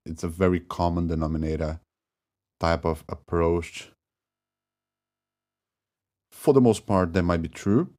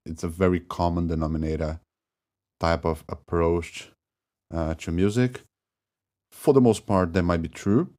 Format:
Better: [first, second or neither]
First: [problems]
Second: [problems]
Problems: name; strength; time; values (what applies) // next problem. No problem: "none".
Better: second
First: audio freezing; at 4.5 s for 1.5 s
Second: none